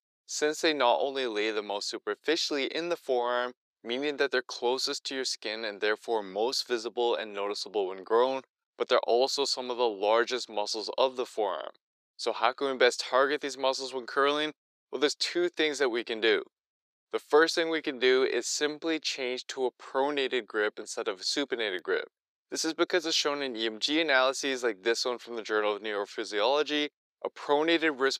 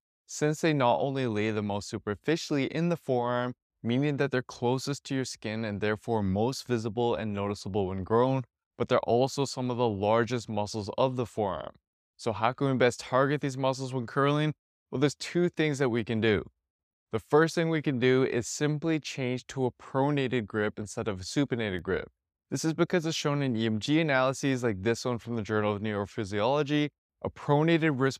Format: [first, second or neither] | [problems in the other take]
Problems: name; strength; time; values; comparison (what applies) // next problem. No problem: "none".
second | thin; somewhat; fading below 350 Hz